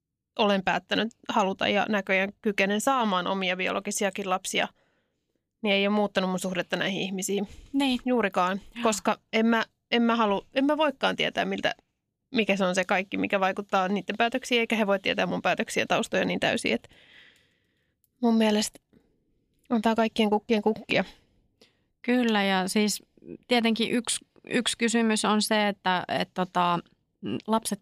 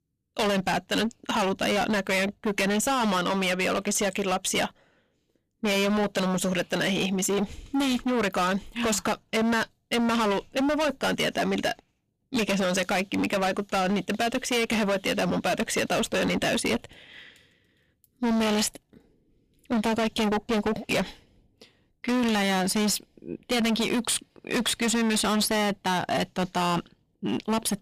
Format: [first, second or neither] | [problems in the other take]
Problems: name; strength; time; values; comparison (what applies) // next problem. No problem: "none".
first | distortion; heavy; 24% of the sound clipped